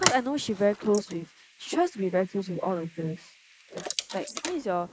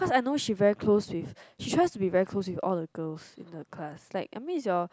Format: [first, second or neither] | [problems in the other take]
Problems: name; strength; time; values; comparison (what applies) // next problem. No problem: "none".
second | noise reduction (neural mask model Resemble Enhance denoiser)